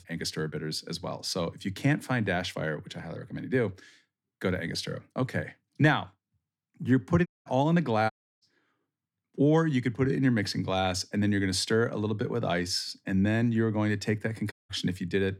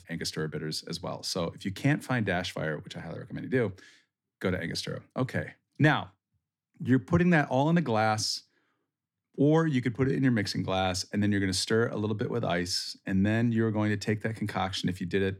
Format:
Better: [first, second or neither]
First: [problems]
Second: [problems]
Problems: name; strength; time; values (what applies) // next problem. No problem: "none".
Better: second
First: audio cutting out; at 7.5 s, at 8 s and at 15 s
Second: none